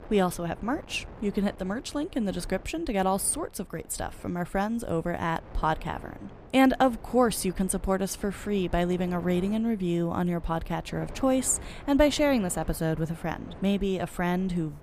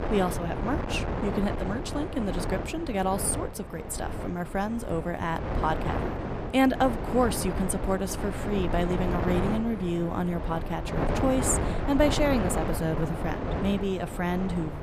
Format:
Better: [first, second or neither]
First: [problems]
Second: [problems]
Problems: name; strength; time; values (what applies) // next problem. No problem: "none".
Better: first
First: wind noise on the microphone; occasional gusts; 20 dB below the speech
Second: wind noise on the microphone; heavy; 4 dB below the speech